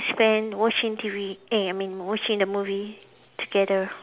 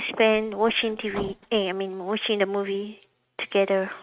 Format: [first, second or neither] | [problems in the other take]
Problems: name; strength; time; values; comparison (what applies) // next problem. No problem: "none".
first | noise reduction (neural mask model RNNoise)